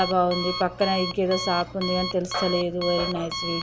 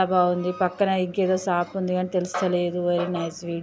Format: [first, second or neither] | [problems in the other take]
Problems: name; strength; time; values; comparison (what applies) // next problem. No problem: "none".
second | background sound (Alarm); 7 dB below the speech